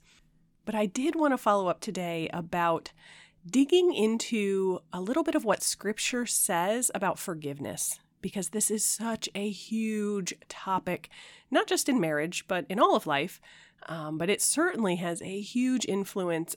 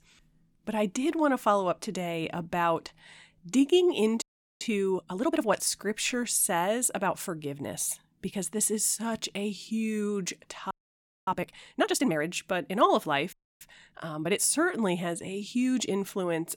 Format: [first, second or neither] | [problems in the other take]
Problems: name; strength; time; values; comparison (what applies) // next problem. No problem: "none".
first | audio freezing; at 4 s, at 11 s for 0.5 s and at 13 s